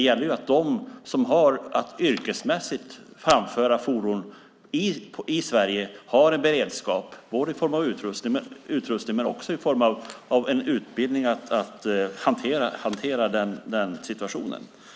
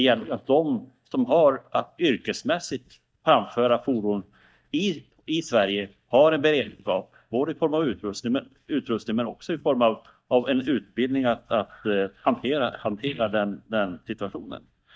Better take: first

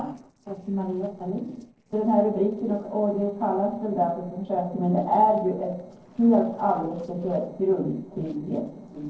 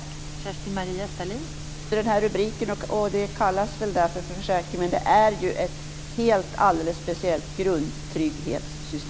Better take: second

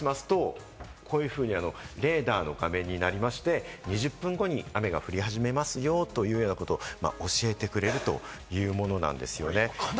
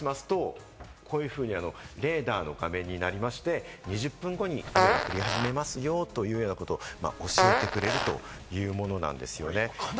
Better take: first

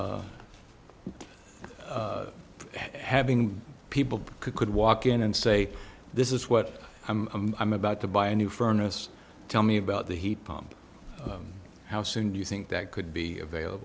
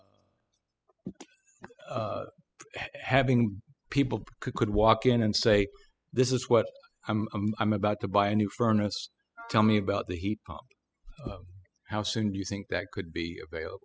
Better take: first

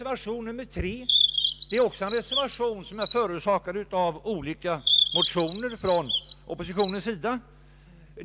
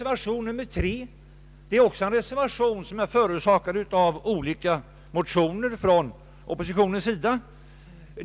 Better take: second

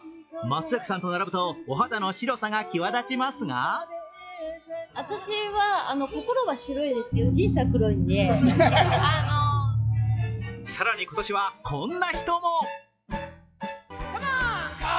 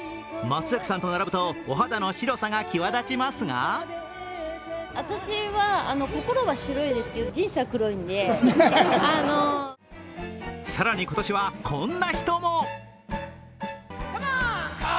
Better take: second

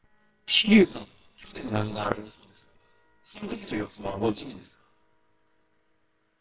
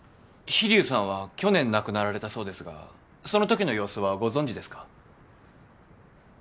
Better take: second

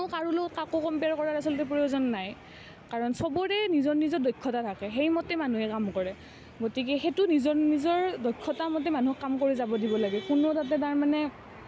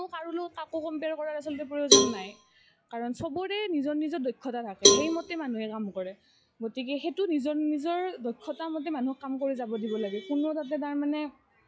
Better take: first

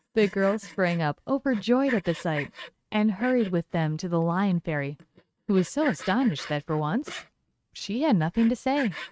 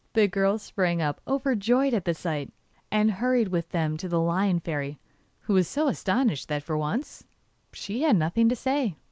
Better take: second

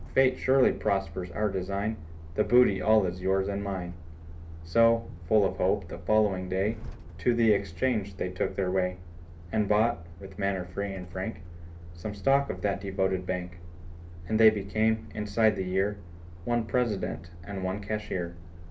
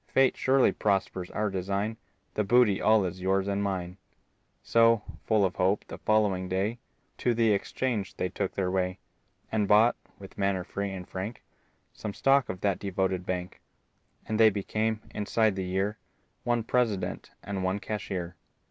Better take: second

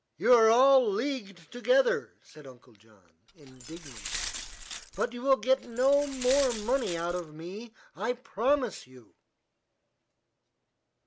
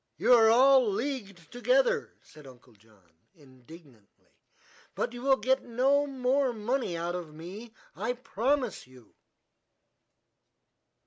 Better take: second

